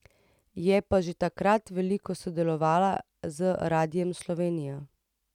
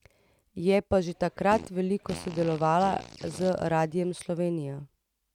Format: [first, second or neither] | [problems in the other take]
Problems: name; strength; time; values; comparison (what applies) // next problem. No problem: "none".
first | background sound (Fart); 16 dB below the speech